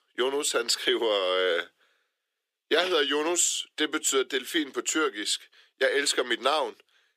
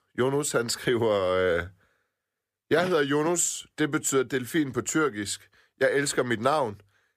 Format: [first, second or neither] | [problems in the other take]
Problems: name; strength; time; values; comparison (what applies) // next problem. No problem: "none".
second | thin; somewhat; fading below 350 Hz